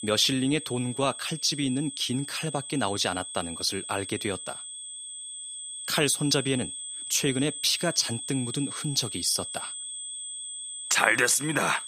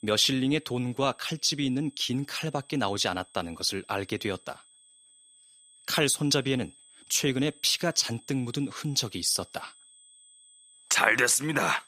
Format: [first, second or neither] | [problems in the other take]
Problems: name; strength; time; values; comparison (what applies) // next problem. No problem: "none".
second | high-pitched whine; loud; throughout; 8 kHz, 9 dB below the speech; faint in the second